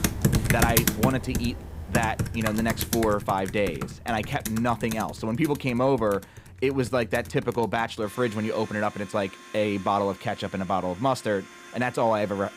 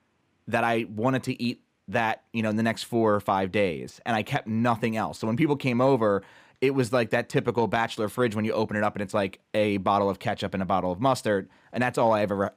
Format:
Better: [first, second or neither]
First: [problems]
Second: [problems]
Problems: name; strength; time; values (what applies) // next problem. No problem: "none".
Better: second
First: household noises; loud; throughout; 2 dB below the speech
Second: none